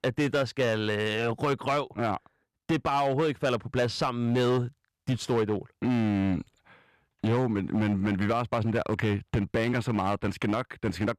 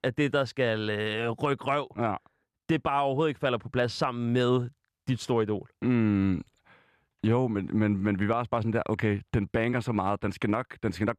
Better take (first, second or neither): second